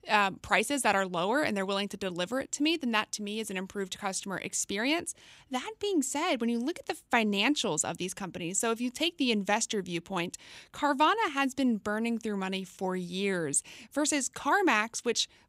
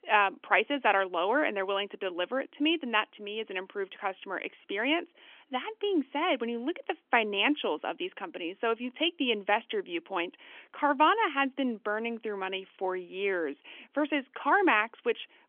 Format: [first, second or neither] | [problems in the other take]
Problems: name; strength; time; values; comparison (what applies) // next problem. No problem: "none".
first | phone-call audio; nothing above 3.5 kHz